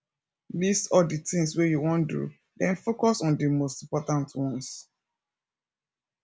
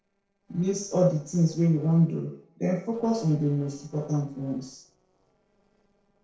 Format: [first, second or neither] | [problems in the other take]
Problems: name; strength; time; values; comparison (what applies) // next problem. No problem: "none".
first | noise reduction (neural separator model SepFormer DNS4)